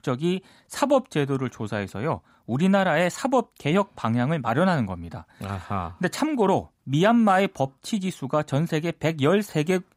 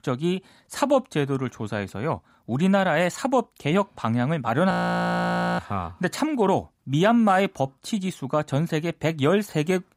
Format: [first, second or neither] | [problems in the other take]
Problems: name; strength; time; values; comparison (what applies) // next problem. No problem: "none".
first | audio freezing; at 4.5 s for 1 s